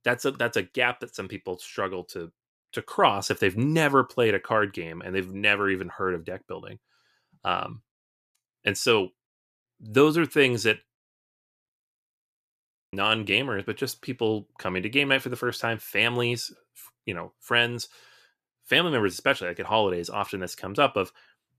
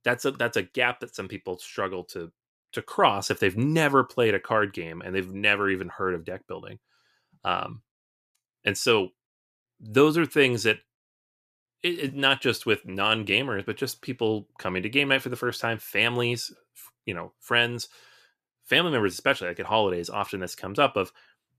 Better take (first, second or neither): second